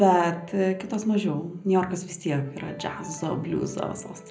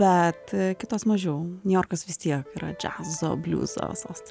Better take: second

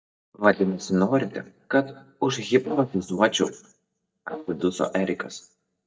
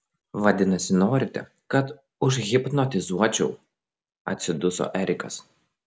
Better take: second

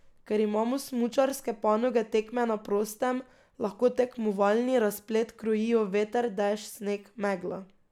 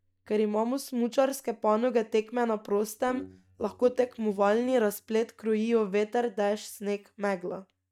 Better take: first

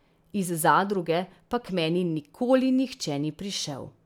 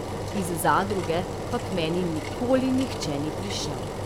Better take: first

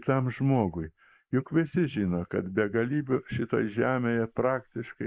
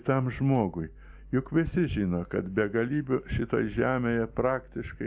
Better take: second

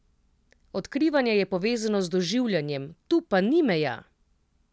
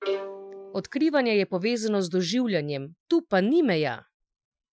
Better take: first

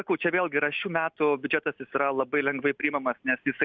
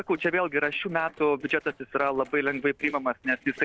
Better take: first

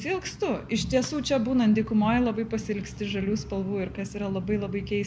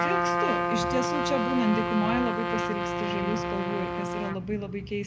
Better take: first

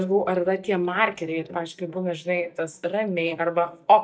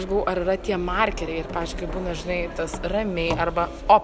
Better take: second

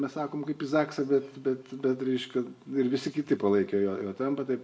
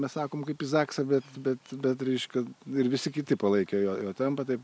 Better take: second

